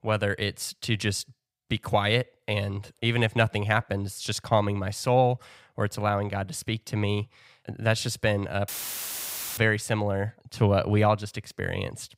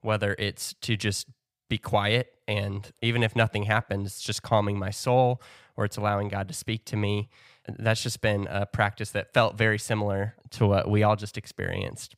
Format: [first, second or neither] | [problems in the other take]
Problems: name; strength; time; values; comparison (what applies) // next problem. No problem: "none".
second | audio cutting out; filled with static; at 8.5 s for 1 s